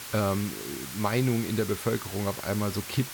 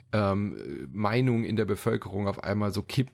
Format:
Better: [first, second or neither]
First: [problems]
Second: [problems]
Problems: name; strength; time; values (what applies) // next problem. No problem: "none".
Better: second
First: hiss; loud; throughout; 8 dB below the speech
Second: none